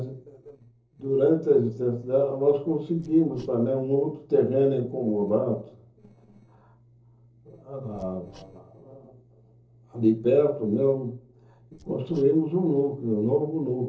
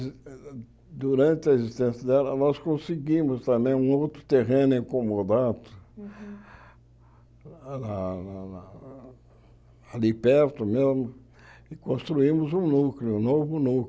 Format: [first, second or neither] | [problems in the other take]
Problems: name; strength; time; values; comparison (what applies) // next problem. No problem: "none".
second | noise reduction (neural separator model SepFormer DNS4)